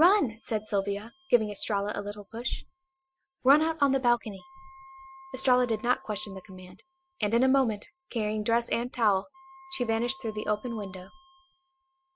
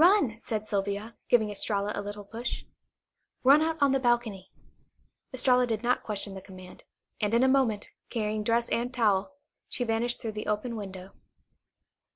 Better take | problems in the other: second | noise reduction (classical method spectral subtraction)

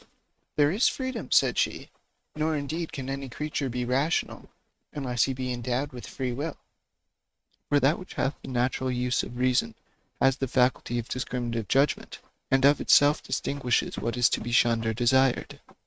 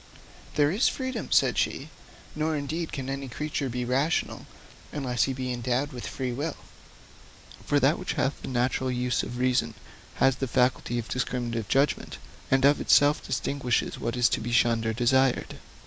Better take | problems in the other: second | noise reduction (neural mask model RNNoise)

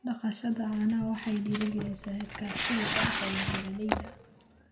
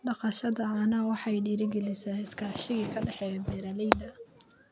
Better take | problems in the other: second | background sound (Tearing); 4 dB below the speech // room echo; dies away in 1.2 s

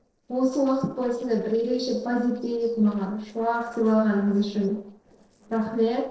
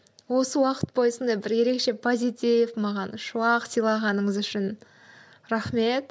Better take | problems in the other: second | noise reduction (neural separator model SepFormer DNS4)

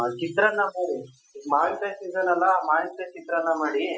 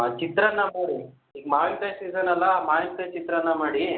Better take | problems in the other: second | noise reduction (classical method Wiener filter)

